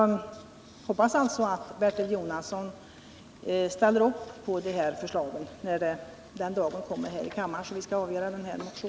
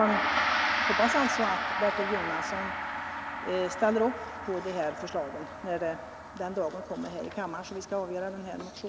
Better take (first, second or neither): first